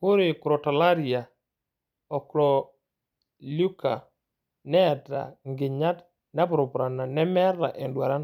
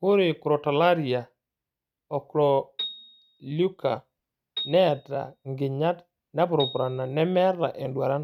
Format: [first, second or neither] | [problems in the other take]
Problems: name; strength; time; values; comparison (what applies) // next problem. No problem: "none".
first | noise reduction (neural mask model RNNoise)